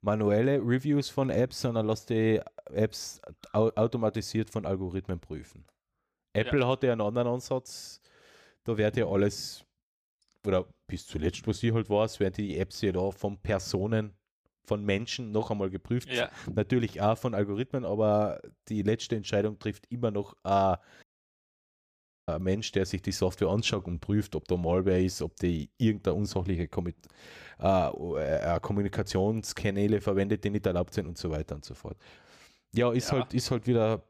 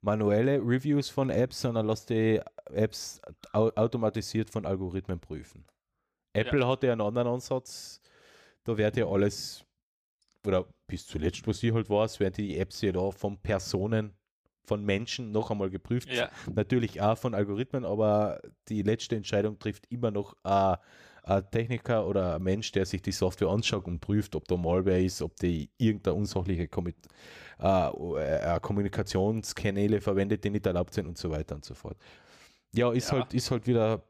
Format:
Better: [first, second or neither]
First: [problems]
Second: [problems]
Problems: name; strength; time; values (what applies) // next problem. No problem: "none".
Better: second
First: audio cutting out; at 21 s for 1.5 s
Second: none